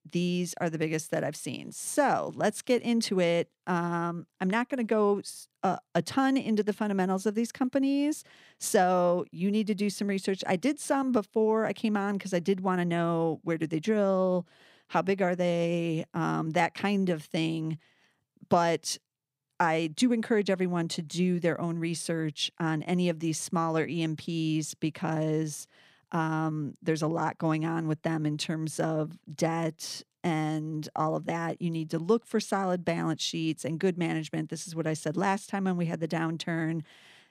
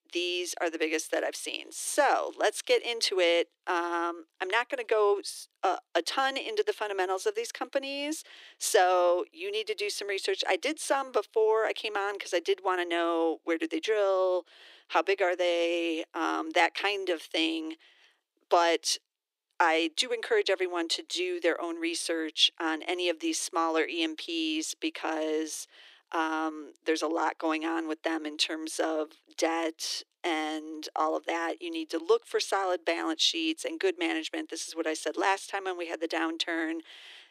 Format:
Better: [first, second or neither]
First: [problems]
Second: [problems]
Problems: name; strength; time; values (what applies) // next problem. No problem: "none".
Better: first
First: none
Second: thin; very; fading below 300 Hz